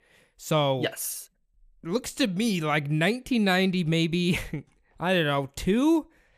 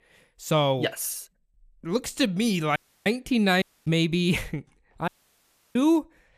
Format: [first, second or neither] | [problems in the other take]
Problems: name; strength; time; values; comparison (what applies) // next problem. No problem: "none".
first | audio cutting out; at 3 s, at 3.5 s and at 5 s for 0.5 s